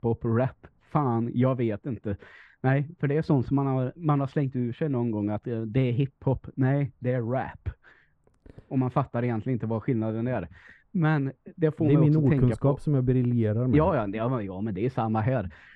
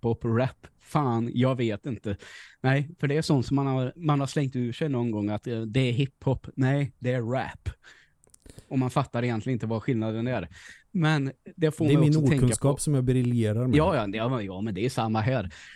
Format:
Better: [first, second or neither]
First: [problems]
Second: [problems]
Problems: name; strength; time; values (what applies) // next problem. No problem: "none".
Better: second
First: muffled; very; fading above 4 kHz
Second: none